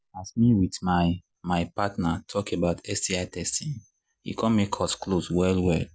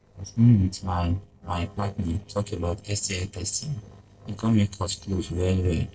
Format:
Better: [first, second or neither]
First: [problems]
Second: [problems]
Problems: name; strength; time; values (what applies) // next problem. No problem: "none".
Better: first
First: none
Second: noise reduction (neural separator model SepFormer DNS4)